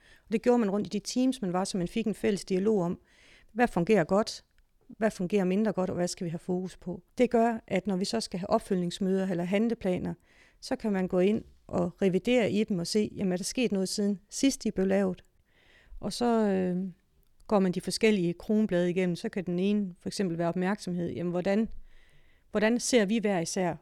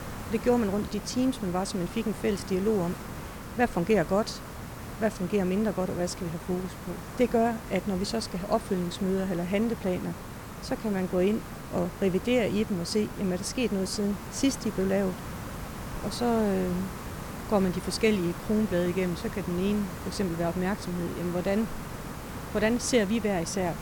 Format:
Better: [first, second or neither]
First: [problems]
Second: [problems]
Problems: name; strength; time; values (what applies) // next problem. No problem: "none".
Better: first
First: none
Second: hiss; noticeable; throughout; 10 dB below the speech